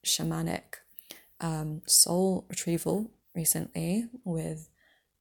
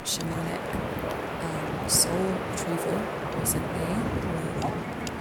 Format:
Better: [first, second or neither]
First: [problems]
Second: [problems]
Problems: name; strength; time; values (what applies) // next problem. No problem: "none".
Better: first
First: none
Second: wind noise on the microphone; heavy; 1 dB above the speech